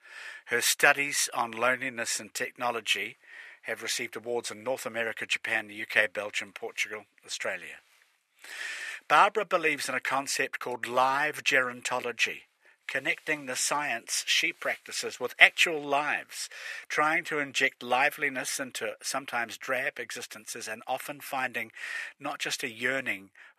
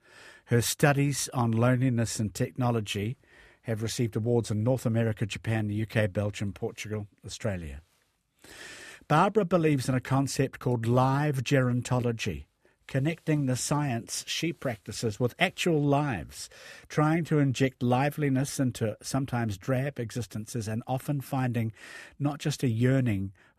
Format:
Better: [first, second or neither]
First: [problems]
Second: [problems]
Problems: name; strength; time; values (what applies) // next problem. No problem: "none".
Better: second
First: thin; very; fading below 650 Hz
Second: none